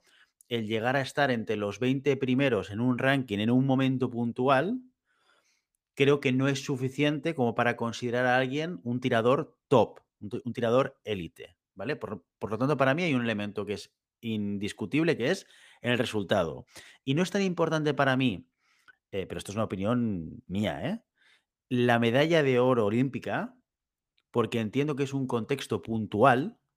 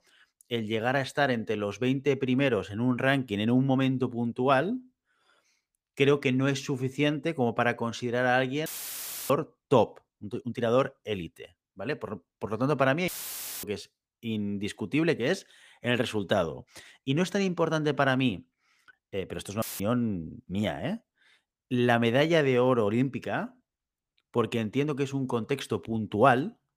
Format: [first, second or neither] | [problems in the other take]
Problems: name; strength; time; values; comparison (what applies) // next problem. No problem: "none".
first | audio cutting out; filled with static; at 8.5 s for 0.5 s, at 13 s for 0.5 s and at 20 s